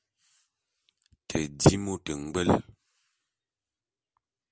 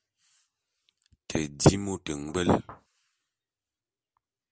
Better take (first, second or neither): first